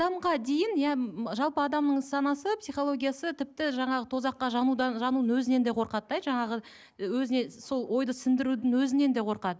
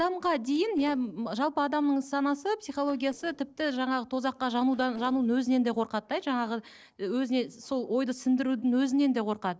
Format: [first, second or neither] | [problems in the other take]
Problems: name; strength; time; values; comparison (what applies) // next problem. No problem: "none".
first | noise reduction (neural separator model SepFormer DNS4)